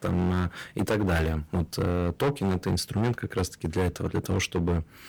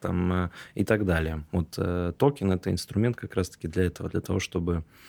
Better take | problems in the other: second | distortion; heavy; 13% of the sound clipped

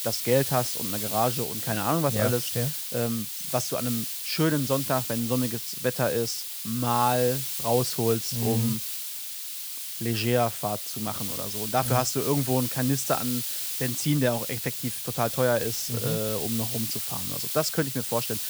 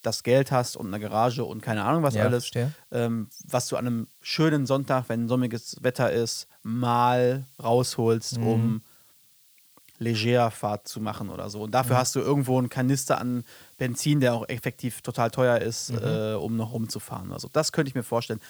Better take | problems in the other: second | hiss; loud; throughout; 2 dB below the speech; faint in the second

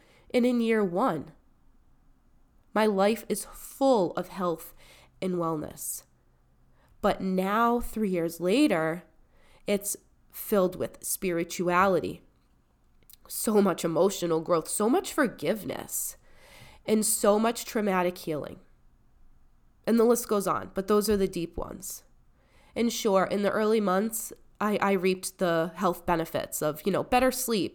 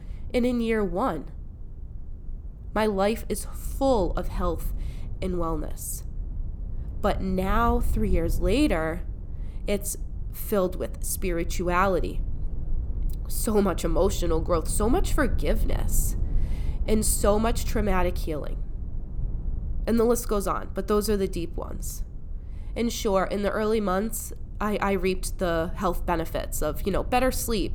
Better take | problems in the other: first | low rumble; faint; throughout; 25 dB below the speech

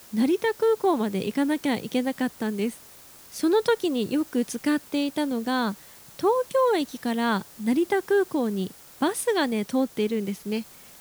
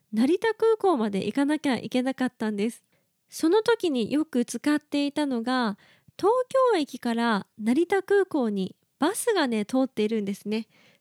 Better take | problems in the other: second | hiss; faint; throughout; 20 dB below the speech

